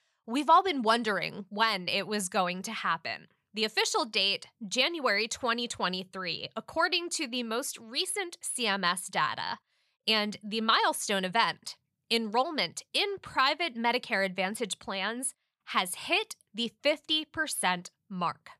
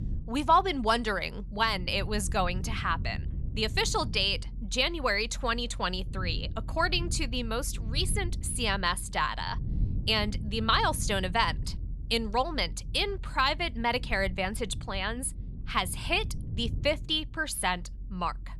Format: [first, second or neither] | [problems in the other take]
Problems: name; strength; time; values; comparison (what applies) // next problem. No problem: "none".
first | low rumble; faint; throughout; 25 dB below the speech